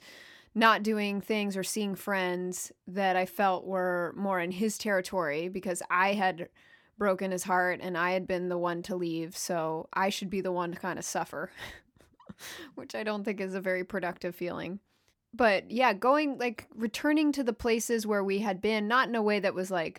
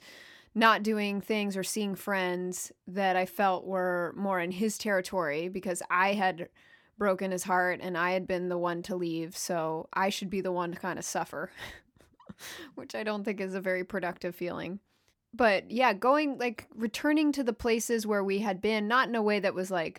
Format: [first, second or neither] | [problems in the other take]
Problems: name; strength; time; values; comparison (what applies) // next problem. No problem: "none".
neither | none